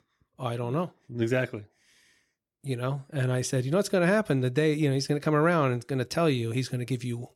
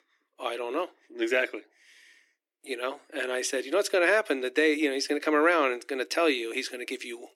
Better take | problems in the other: first | thin; somewhat; fading below 300 Hz

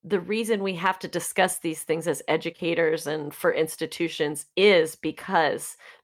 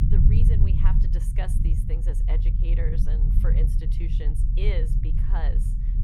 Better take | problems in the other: first | low rumble; loud; throughout; 1 dB below the speech

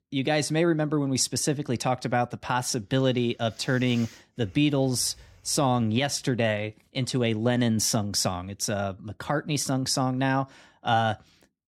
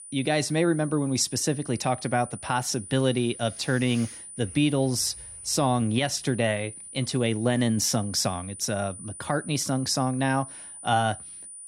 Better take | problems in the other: first | high-pitched whine; noticeable; throughout; 9.5 kHz, 15 dB below the speech

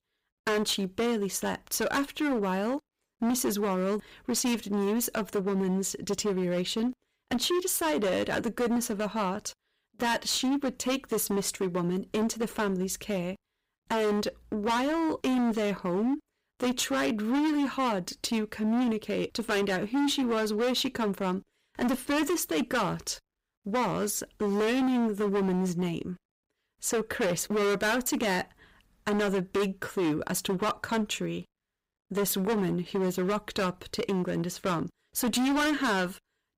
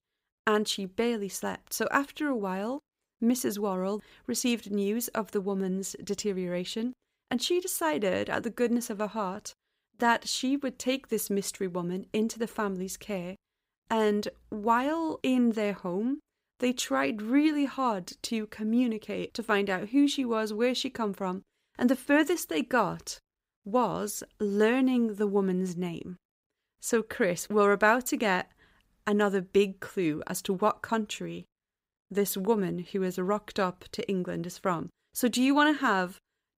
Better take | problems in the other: second | distortion; heavy; 18% of the sound clipped

